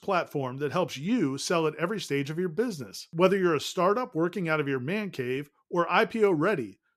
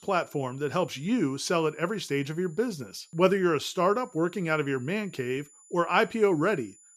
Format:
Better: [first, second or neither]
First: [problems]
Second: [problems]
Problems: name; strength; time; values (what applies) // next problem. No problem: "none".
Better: first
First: none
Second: high-pitched whine; faint; throughout; 7 kHz, 25 dB below the speech